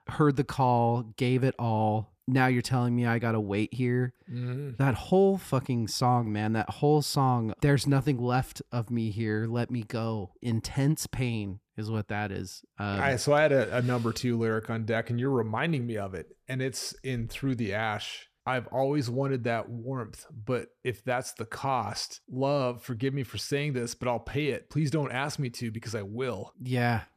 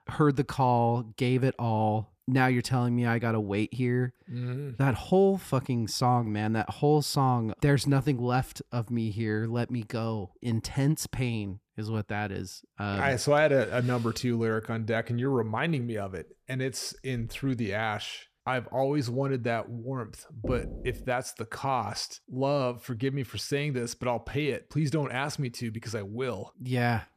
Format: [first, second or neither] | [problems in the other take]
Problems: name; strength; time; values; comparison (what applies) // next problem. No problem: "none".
first | door banging; noticeable; at 20 s; peak 8 dB below the speech